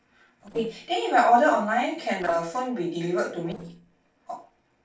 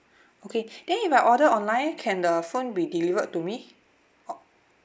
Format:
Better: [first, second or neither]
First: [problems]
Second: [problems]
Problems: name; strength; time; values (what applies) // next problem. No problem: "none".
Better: second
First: noise reduction (neural separator model SepFormer DNS4)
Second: none